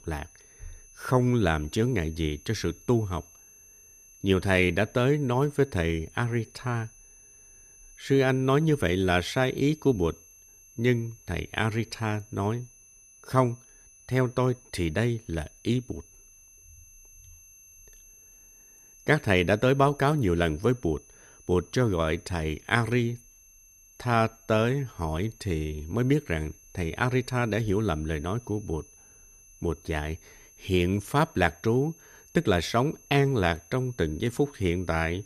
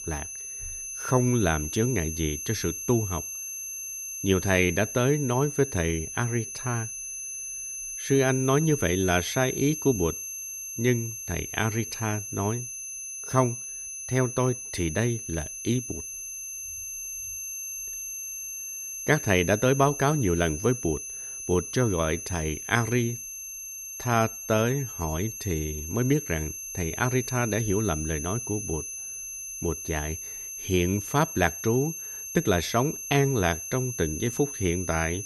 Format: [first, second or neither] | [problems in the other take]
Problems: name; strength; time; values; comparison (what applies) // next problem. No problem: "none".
first | high-pitched whine; loud; throughout; 6.5 kHz, 7 dB below the speech; faint in the first